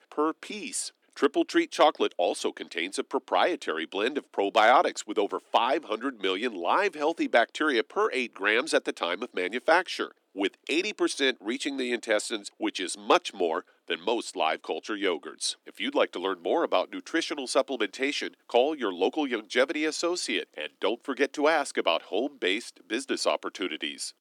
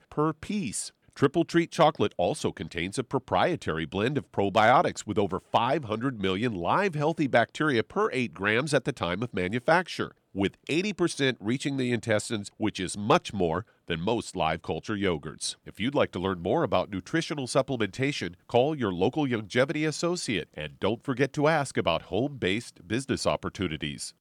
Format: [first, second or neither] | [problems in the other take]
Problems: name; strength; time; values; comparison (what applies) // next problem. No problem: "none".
second | thin; very slightly; fading below 250 Hz